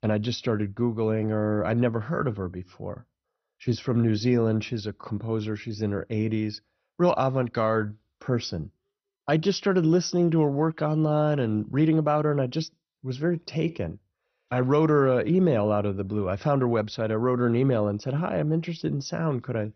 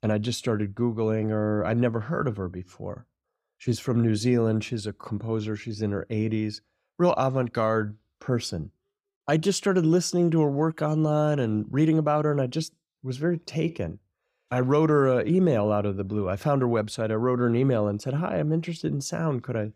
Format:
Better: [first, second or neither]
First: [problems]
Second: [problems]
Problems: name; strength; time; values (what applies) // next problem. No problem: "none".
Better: second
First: garbled, watery; slightly; nothing above 6 kHz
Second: none